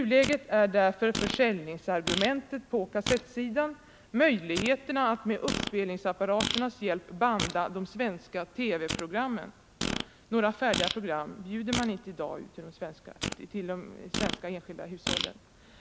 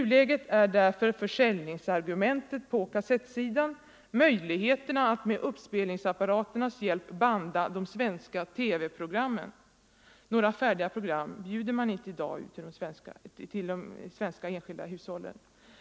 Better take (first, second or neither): second